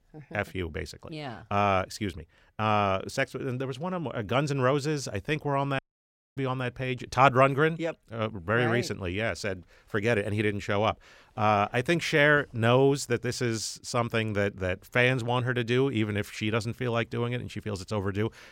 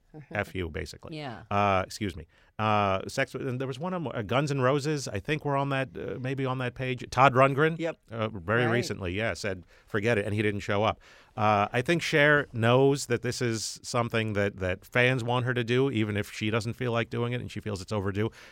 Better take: second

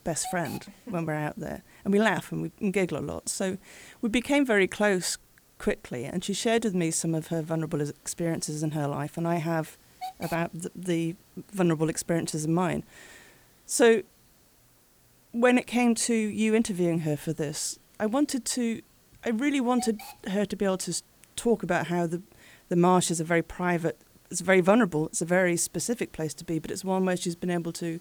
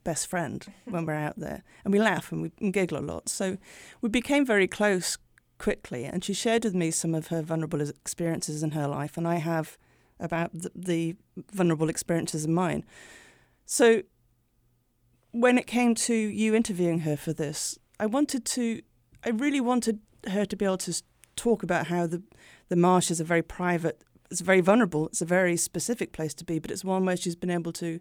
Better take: second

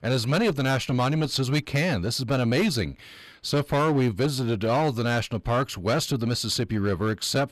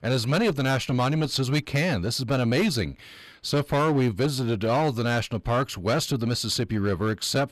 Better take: neither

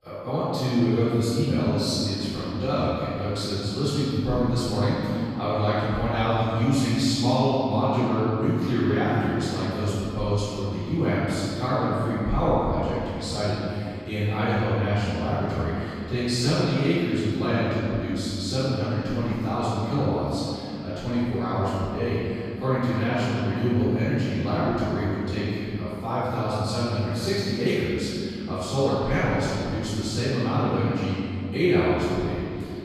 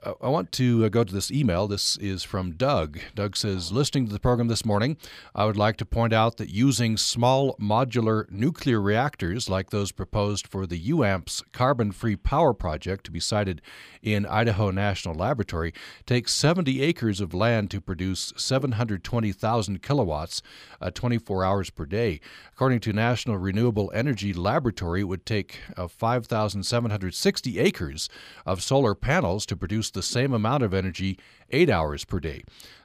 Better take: second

